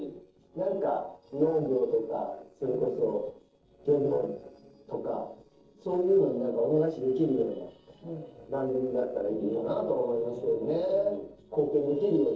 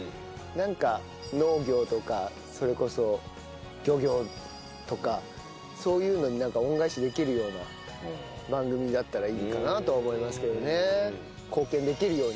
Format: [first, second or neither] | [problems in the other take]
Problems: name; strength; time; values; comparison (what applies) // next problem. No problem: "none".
second | noise reduction (neural separator model SepFormer DNS4)